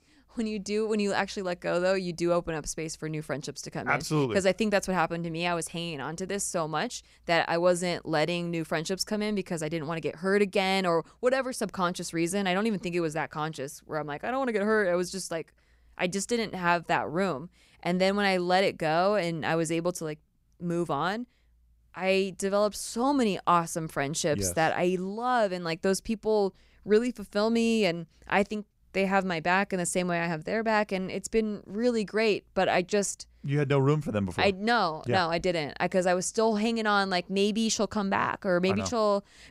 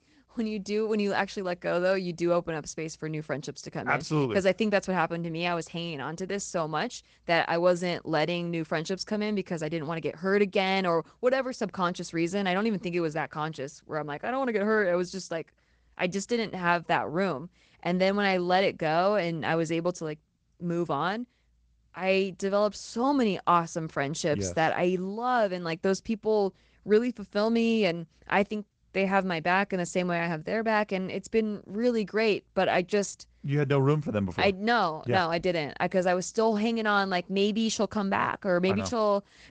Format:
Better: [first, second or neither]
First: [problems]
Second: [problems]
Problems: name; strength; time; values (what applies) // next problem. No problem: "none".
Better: first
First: none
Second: garbled, watery; slightly; nothing above 8 kHz